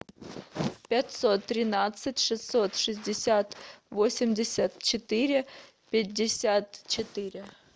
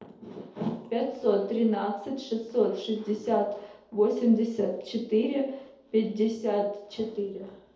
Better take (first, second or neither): first